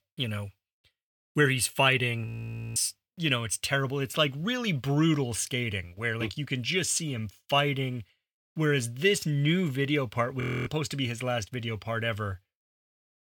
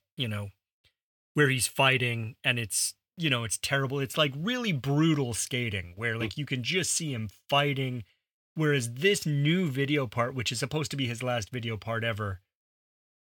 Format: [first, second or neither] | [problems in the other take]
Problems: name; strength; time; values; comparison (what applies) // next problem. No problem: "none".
second | audio freezing; at 2.5 s and at 10 s